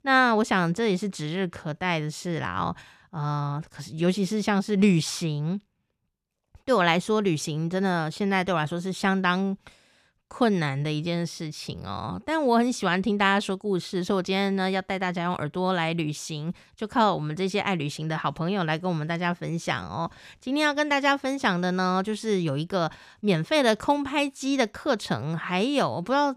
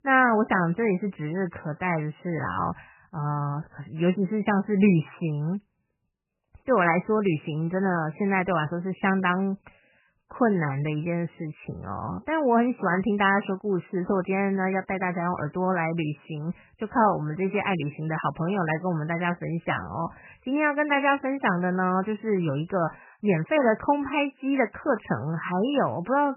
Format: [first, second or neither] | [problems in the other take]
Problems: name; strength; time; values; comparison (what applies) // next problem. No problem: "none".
first | garbled, watery; badly; nothing above 3 kHz